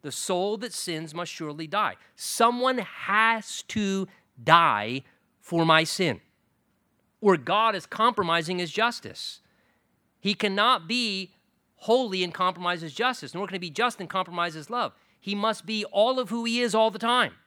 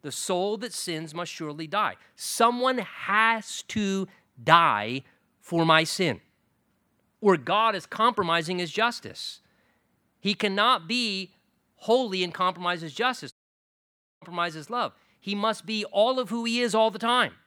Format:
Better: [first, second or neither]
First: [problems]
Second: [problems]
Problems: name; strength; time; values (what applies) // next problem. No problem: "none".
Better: first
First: none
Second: audio cutting out; at 13 s for 1 s